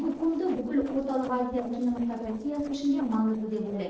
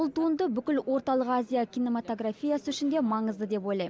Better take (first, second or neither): second